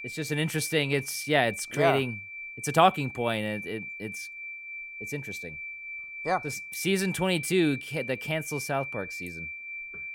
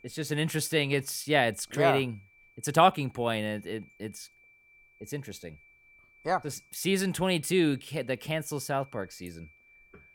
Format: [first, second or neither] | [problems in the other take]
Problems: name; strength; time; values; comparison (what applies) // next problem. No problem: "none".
second | high-pitched whine; loud; throughout; 2.5 kHz, 9 dB below the speech; faint in the second